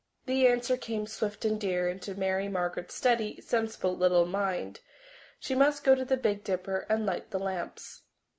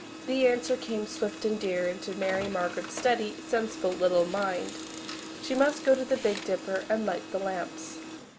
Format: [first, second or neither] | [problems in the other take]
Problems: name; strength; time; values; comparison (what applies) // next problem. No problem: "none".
first | background sound (Printer); 11 dB below the speech